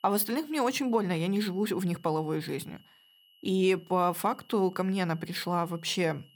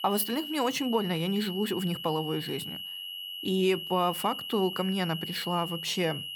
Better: first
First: high-pitched whine; faint; throughout; 3 kHz, 30 dB below the speech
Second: high-pitched whine; loud; throughout; 3 kHz, 6 dB below the speech

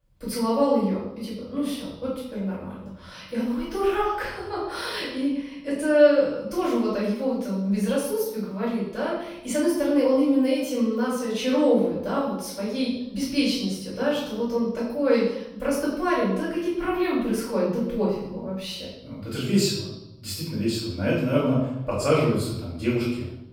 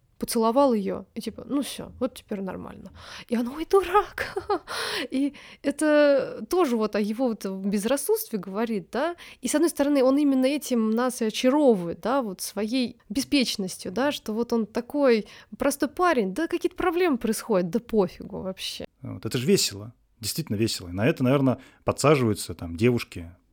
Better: second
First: off-mic speech; far // room echo; noticeable; dies away in 0.8 s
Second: none

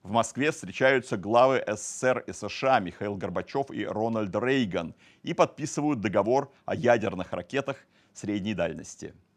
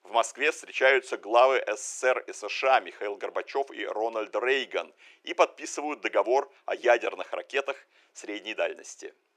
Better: first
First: none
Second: thin; very; fading below 350 Hz

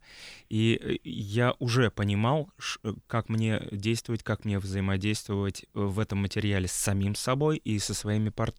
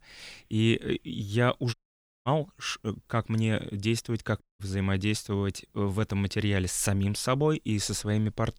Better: first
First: none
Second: audio cutting out; at 1.5 s for 0.5 s and at 4.5 s

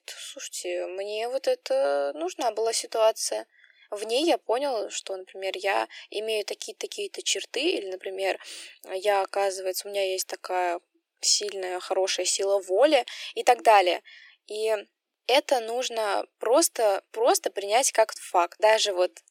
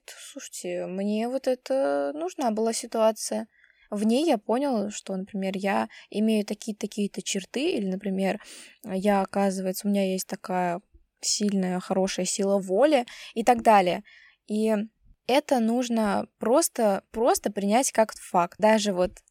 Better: second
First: thin; very; fading below 350 Hz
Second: none

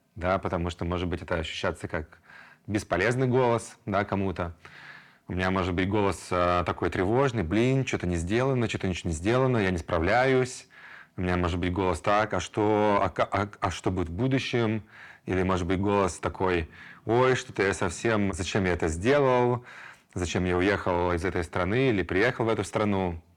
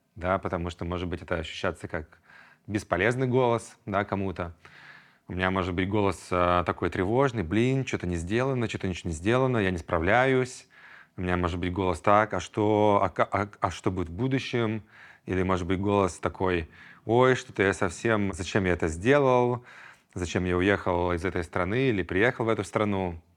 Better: second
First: distortion; slight; 10 dB below the speech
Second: none

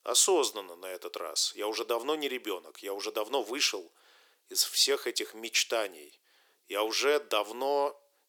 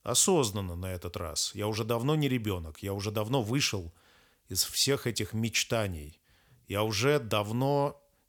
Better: second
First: thin; very; fading below 350 Hz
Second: none

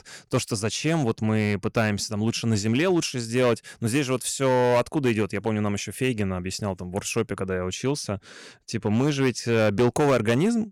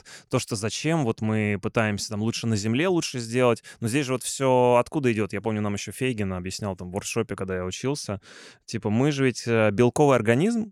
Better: second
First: distortion; slight; 5% of the sound clipped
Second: none

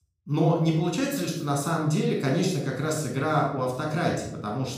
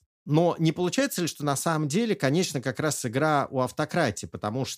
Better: second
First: off-mic speech; somewhat distant // room echo; noticeable; dies away in 0.7 s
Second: none

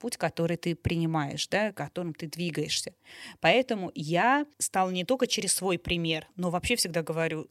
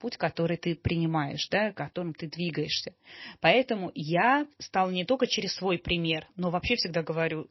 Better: first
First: none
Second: garbled, watery; slightly; nothing above 5.5 kHz

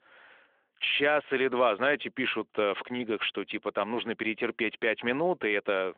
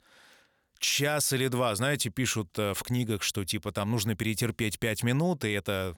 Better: second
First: phone-call audio; nothing above 3.5 kHz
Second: none

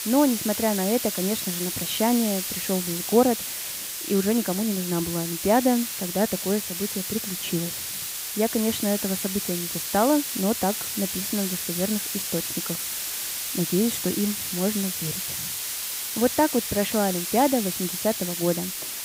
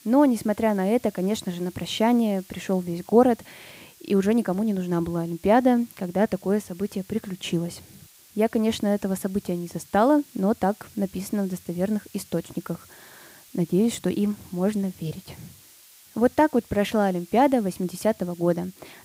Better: second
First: hiss; loud; throughout; 2 dB below the speech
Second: hiss; faint; throughout; 25 dB below the speech

